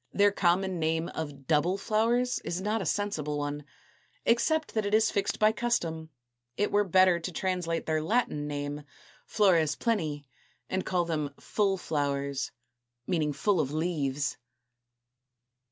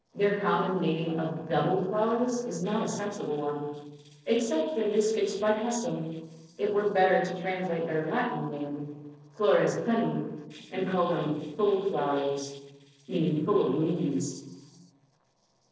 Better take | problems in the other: first | noise reduction (neural separator model SepFormer DNS4)

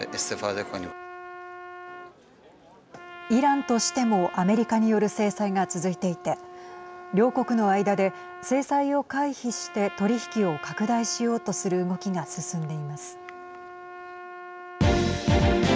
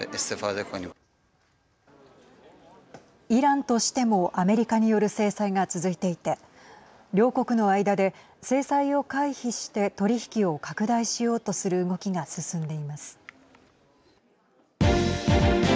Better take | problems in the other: second | background sound (Trumpet); 16 dB below the speech

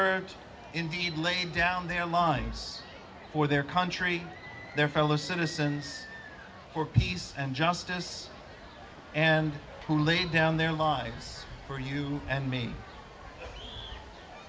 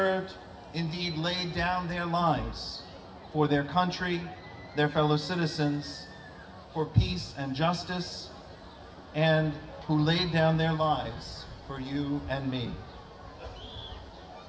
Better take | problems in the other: first | room echo; dies away in 2.7 s

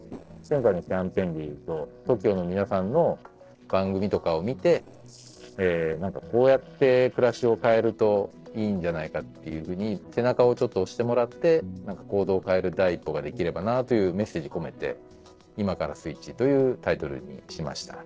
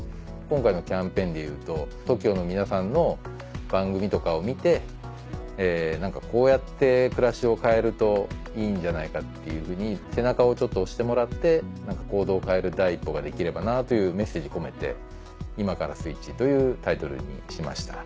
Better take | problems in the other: second | noise reduction (neural separator model SepFormer DNS4)

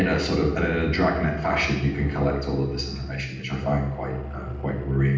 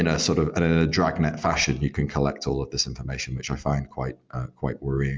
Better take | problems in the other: second | background sound (Musical instrument); 10 dB below the speech // room echo; dies away in 0.9 s

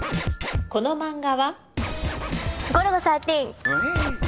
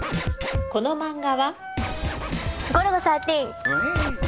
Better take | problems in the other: first | background sound (Wind instrument, woodwind instrument); 14 dB below the speech

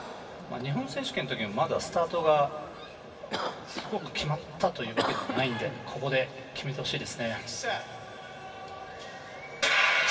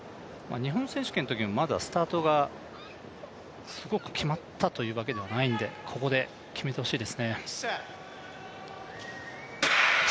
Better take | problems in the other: second | background sound (Cough); 11 dB below the speech // room echo; dies away in 2.6 s

